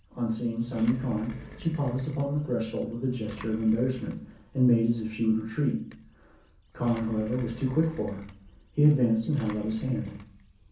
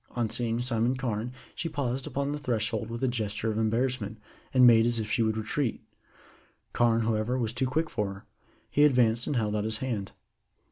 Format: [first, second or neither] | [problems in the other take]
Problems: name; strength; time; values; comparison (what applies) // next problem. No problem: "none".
second | background sound (Engine); 19 dB below the speech // room echo; dies away in 0.6 s